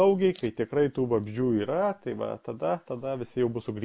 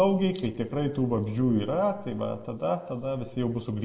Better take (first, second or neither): first